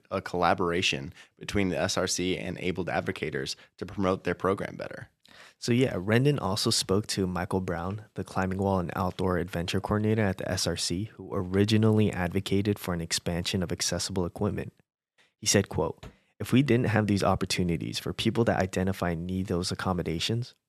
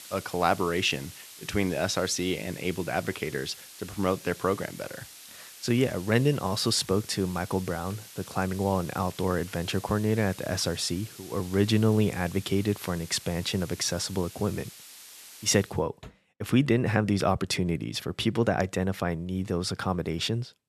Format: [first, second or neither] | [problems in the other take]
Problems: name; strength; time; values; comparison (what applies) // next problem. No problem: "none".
first | hiss; noticeable; until 16 s; 15 dB below the speech